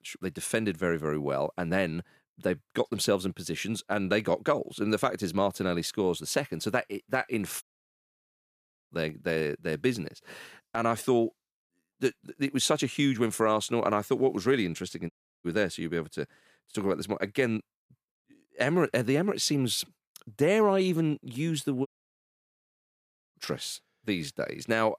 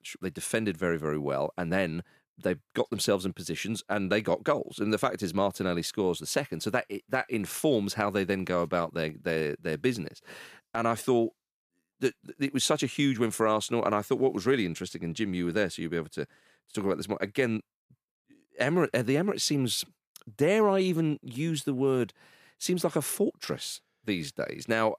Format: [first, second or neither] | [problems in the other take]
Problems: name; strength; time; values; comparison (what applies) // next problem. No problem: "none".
second | audio cutting out; at 7.5 s for 1.5 s, at 15 s and at 22 s for 1.5 s